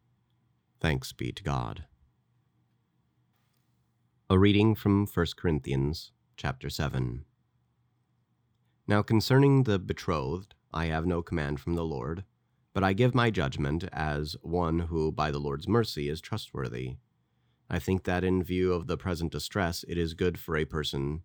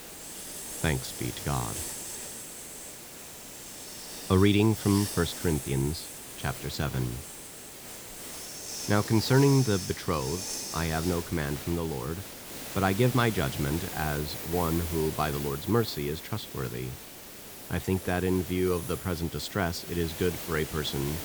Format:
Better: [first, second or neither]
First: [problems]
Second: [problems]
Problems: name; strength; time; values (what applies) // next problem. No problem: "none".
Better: first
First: none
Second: hiss; loud; throughout; 8 dB below the speech